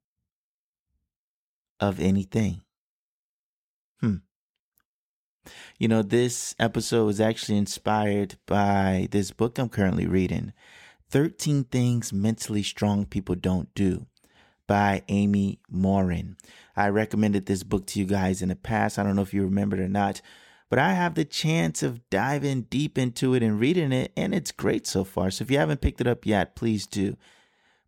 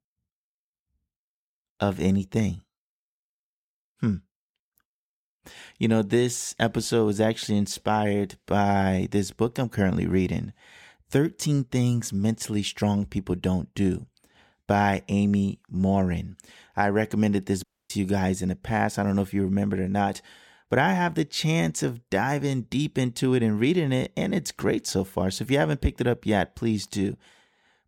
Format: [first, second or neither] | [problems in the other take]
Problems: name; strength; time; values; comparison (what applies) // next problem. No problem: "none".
first | audio cutting out; at 18 s